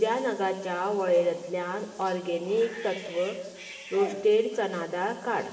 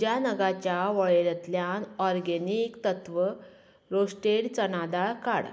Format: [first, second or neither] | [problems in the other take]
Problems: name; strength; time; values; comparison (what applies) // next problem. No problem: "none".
second | background sound (Bathtub (filling or washing) / Cat); 17 dB below the speech // room echo; dies away in 1.9 s